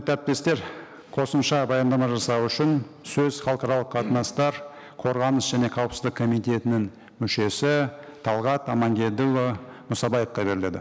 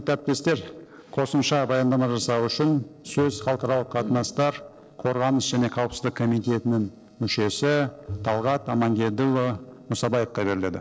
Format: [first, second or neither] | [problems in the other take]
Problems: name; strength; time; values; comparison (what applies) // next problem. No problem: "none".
first | noise reduction (neural separator model SepFormer DNS4)